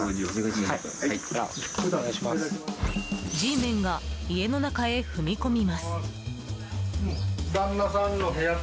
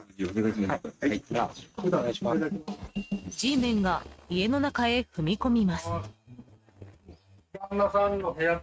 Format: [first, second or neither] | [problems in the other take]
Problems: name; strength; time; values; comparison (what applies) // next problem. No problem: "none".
first | noise reduction (neural mask model RNNoise)